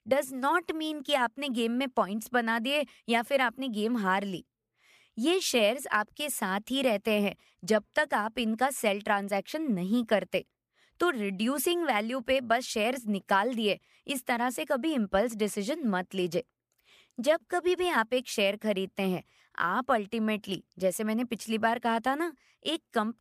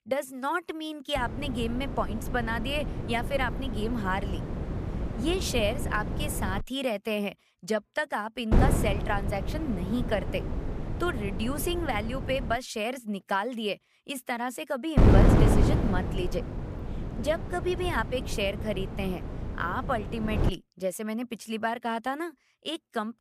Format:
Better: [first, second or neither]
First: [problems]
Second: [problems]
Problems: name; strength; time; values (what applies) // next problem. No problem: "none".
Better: first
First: none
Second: wind noise on the microphone; heavy; from 1 to 6.5 s, from 8.5 to 13 s and from 15 to 20 s; 5 dB below the speech